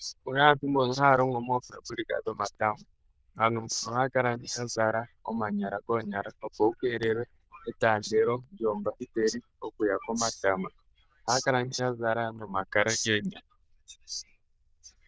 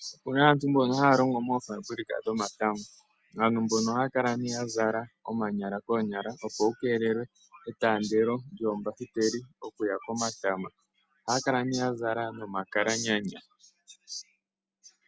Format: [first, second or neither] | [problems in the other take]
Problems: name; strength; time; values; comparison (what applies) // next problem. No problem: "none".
second | noise reduction (neural diffusion model UNIVERSE++)